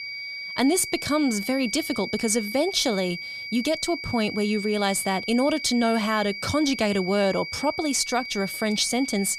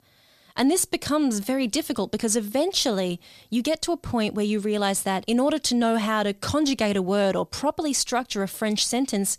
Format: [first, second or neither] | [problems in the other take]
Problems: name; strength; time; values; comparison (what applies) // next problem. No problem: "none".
second | high-pitched whine; loud; throughout; 2.5 kHz, 8 dB below the speech